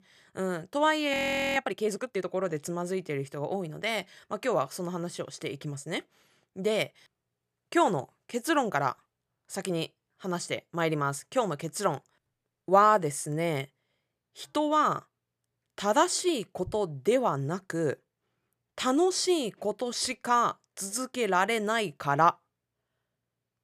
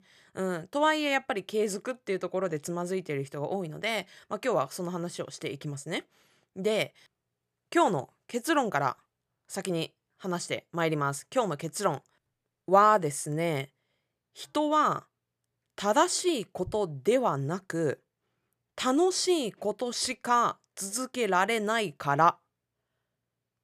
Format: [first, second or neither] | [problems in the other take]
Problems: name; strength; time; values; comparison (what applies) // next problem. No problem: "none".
second | audio freezing; at 1 s